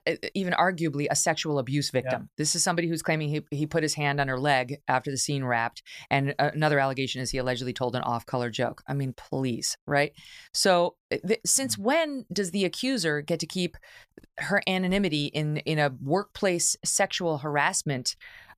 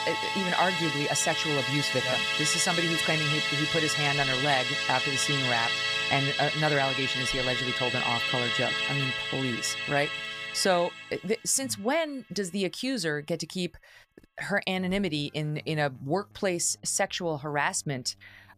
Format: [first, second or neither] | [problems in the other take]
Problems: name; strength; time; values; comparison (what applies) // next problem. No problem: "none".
first | background music; very loud; throughout; 2 dB above the speech